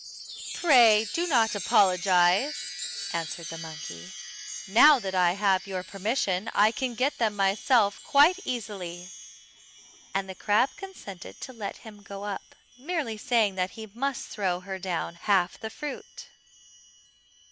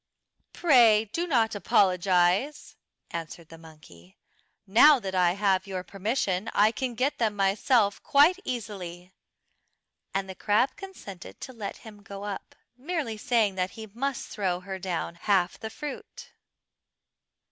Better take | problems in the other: second | background sound (Chime); 13 dB below the speech

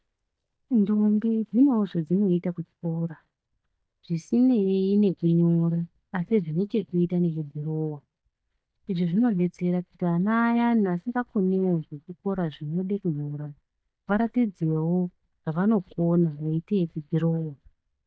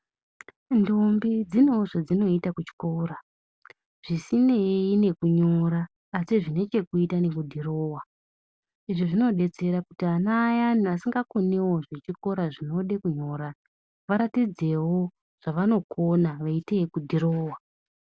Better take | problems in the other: second | noise reduction (neural mask model DeepFilterNet 3)

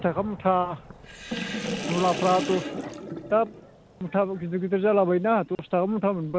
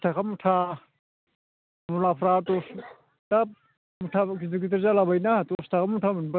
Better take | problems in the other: second | background sound (Fireworks + Sink (filling or washing) / Water); 10 dB below the speech

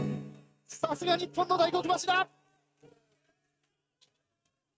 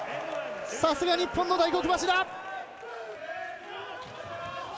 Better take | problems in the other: second | noise reduction (neural mask model RNNoise)

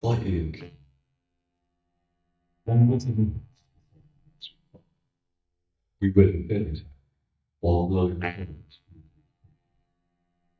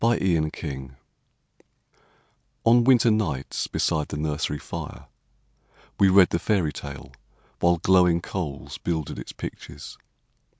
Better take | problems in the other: second | noise reduction (neural mask model DeepFilterNet 3)

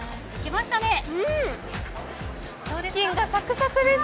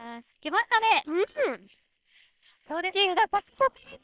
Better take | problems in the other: first | noise reduction (neural separator model SepFormer WHAM!)

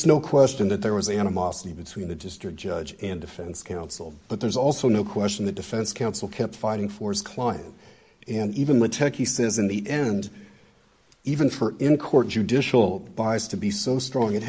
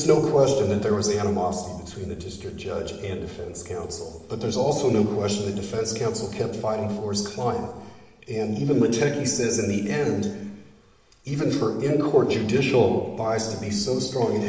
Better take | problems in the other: first | room echo; dies away in 1.2 s

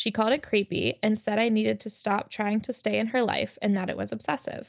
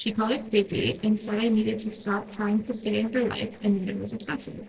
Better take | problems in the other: first | noise reduction (neural separator model SepFormer DNS4)

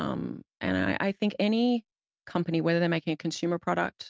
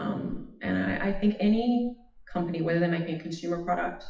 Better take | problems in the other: first | noise reduction (classical method WPE with log-MMSE)

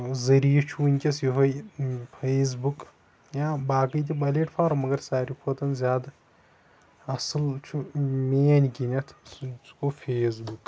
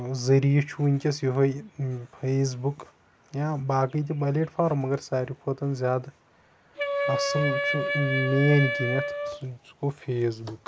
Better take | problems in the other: first | background sound (Wind instrument, woodwind instrument); 3 dB below the speech

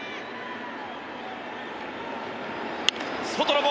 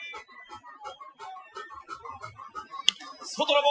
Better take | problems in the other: first | noise reduction (classical method Wiener filter)

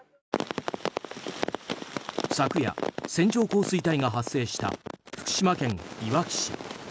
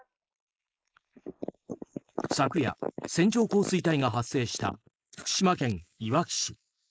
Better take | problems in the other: first | noise reduction (neural mask model Resemble Enhance denoiser)

